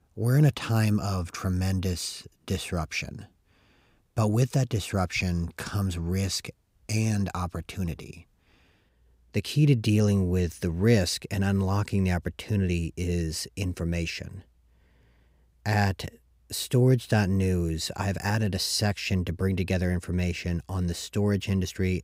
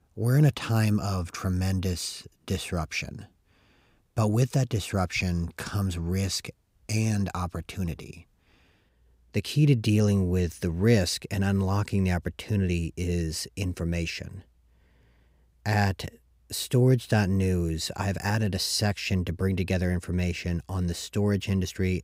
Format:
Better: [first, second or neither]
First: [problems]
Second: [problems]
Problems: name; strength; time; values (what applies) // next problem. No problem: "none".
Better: neither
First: none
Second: none